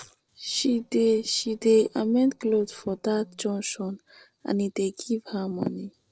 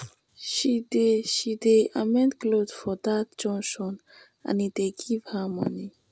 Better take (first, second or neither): second